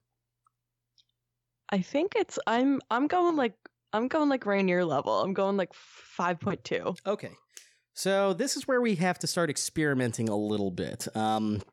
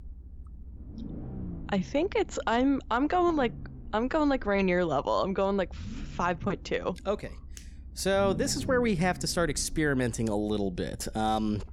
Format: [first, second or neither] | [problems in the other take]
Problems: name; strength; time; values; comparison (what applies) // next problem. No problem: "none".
first | low rumble; faint; throughout; 20 dB below the speech